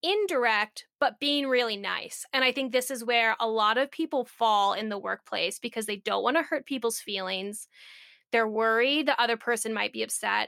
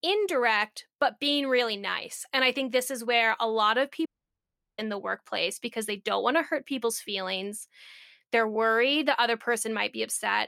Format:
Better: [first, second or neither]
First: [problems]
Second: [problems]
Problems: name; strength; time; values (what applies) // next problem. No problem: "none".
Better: first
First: none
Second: audio cutting out; at 4 s for 0.5 s